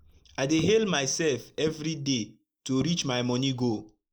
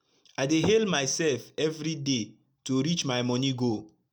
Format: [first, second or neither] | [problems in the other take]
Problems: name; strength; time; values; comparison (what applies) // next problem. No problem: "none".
second | noise reduction (neural mask model Resemble Enhance denoiser)